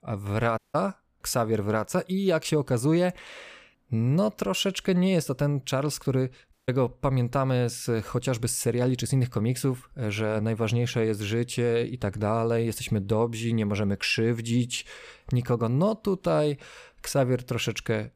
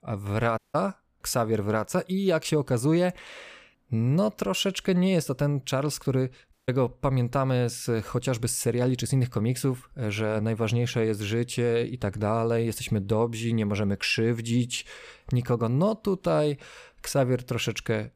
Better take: neither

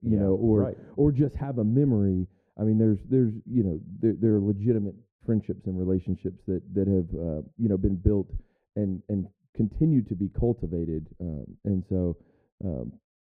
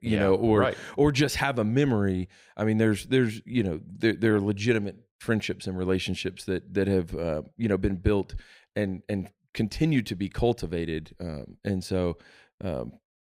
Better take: second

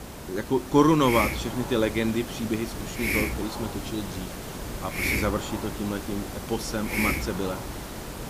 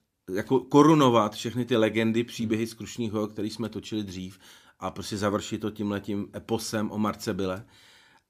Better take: second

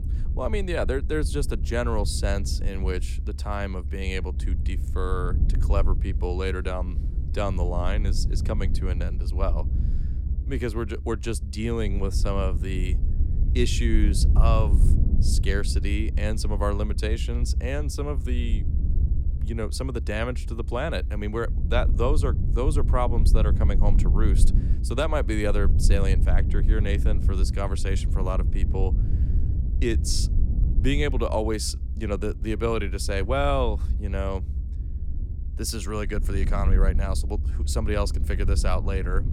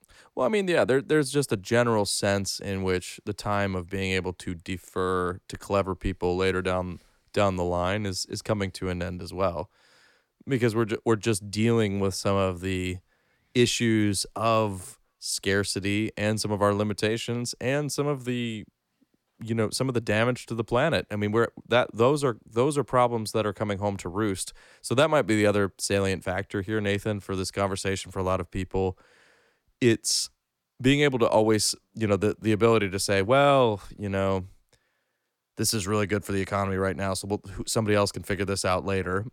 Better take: second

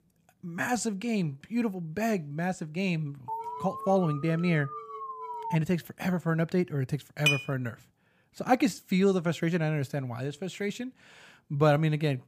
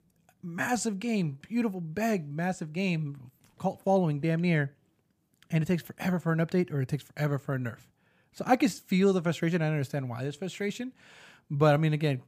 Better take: second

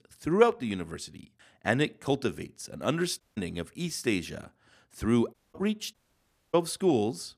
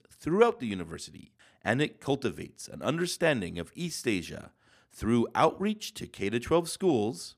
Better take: second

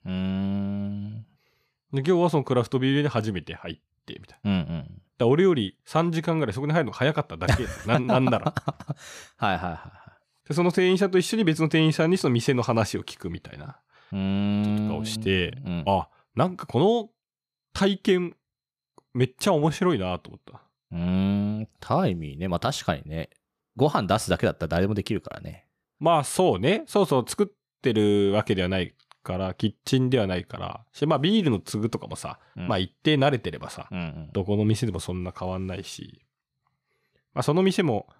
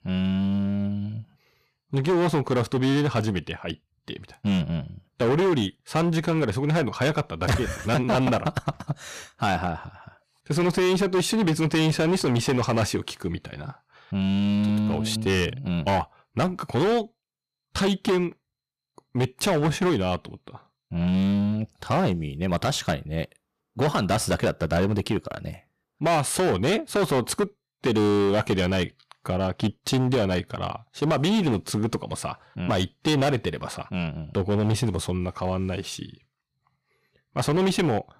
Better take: first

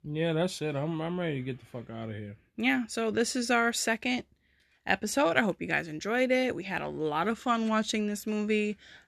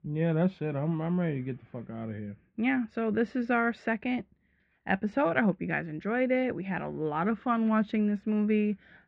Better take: first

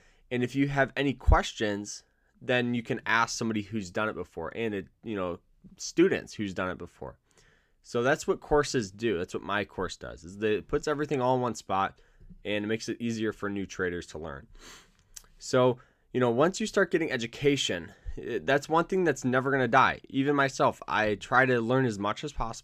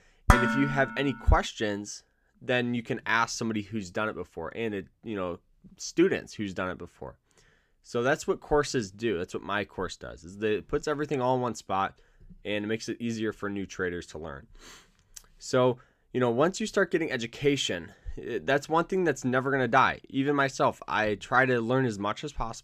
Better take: first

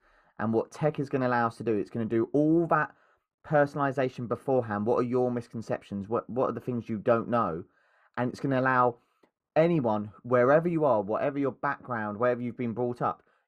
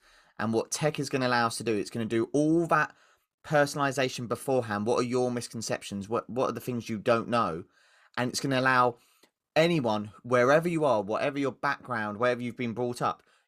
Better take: second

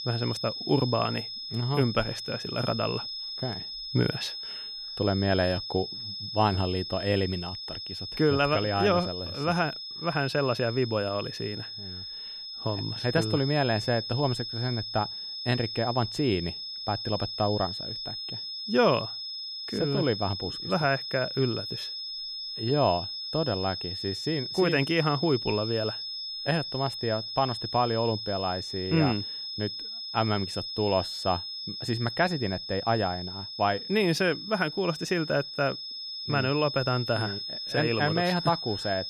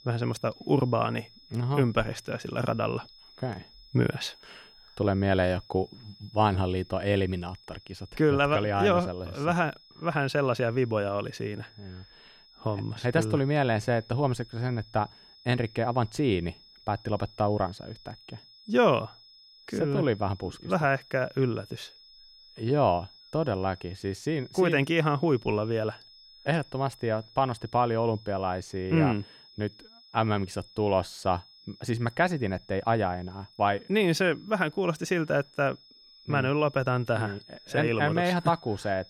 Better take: second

